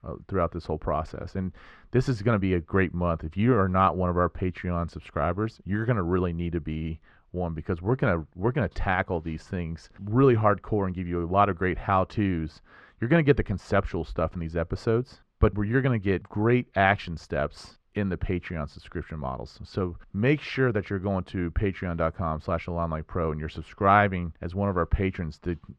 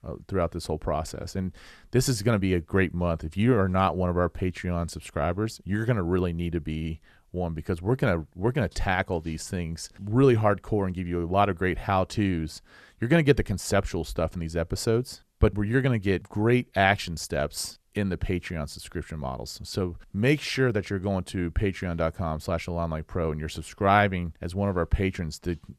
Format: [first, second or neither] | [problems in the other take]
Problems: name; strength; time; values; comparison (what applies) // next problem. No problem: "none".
second | muffled; slightly; fading above 2.5 kHz